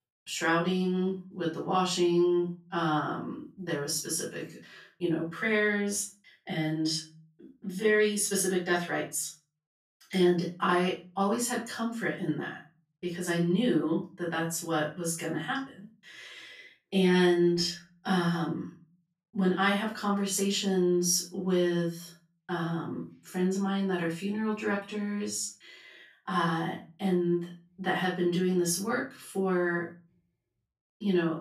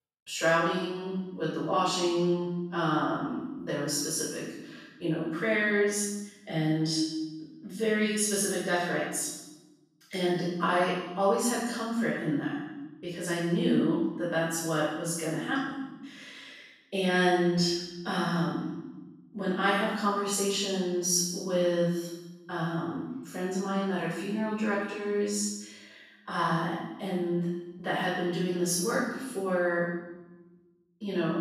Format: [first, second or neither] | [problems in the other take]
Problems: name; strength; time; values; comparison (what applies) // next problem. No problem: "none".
first | room echo; strong; dies away in 1 s; slight in the first // off-mic speech; far; far in the first